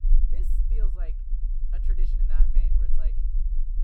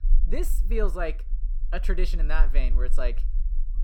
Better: second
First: low rumble; loud; throughout; 1 dB below the speech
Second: low rumble; faint; throughout; 20 dB below the speech

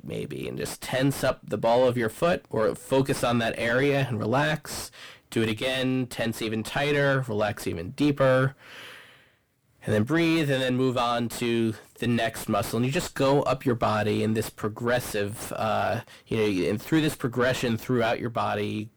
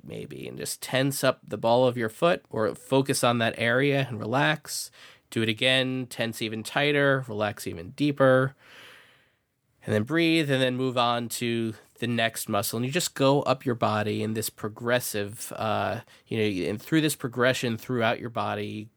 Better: second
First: distortion; heavy; 5 dB below the speech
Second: none

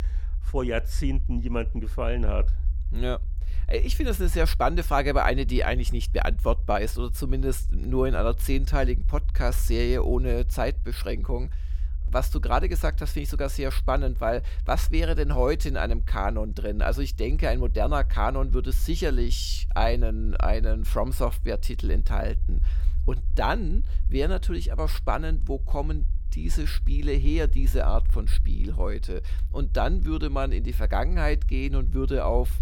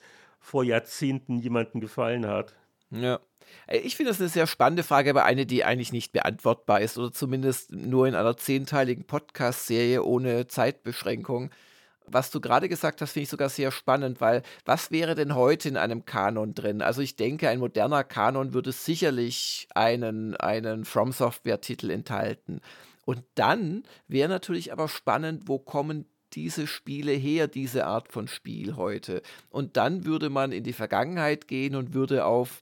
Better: second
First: low rumble; faint; throughout; 20 dB below the speech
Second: none

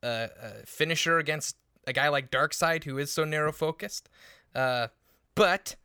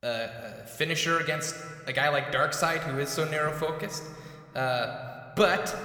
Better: first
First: none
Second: room echo; slight; dies away in 1.9 s

